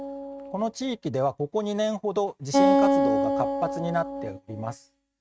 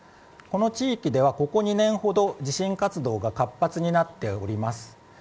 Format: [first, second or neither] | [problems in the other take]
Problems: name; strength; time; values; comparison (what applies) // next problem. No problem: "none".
second | noise reduction (neural mask model RNNoise)